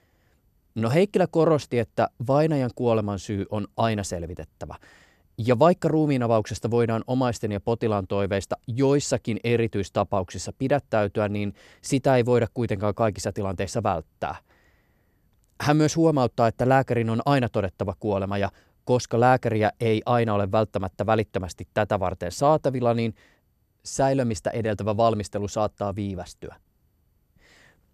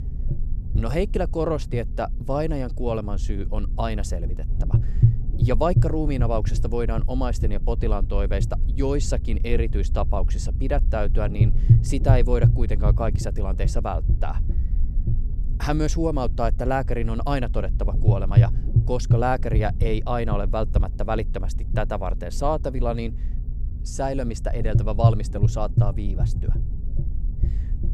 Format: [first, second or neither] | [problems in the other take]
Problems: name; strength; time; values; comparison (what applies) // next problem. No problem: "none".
first | low rumble; noticeable; throughout; 10 dB below the speech